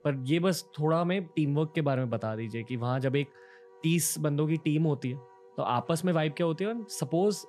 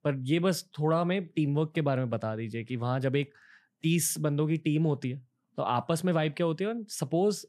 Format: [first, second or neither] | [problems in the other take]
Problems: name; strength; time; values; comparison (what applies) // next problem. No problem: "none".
second | background music; faint; throughout; 25 dB below the speech